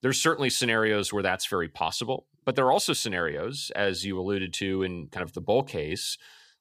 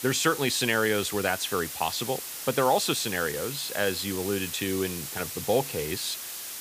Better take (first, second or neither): first